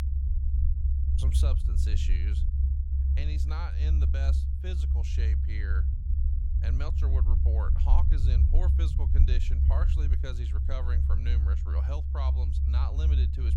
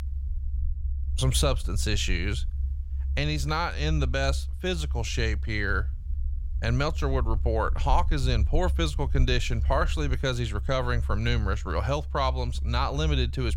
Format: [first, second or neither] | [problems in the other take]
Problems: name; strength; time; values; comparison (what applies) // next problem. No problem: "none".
second | low rumble; loud; throughout; 2 dB below the speech; faint in the second